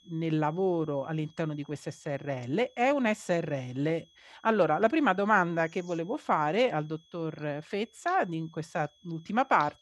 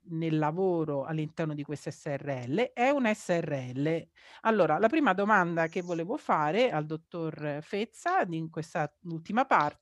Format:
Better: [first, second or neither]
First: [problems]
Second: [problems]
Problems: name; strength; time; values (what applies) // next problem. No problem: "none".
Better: second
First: high-pitched whine; faint; throughout; 3.5 kHz, 30 dB below the speech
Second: none